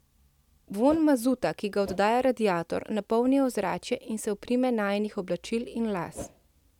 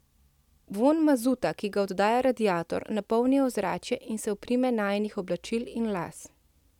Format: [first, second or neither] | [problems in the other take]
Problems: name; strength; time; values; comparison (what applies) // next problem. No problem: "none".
second | background sound (Whoosh, swoosh, swish); 16 dB below the speech